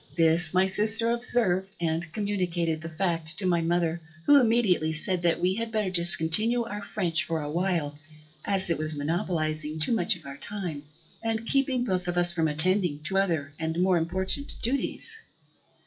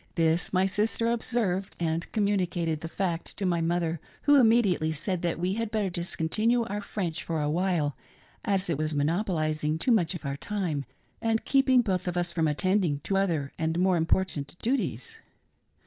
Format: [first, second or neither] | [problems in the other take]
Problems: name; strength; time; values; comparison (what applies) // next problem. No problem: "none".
second | noise reduction (classical method WPE with log-MMSE)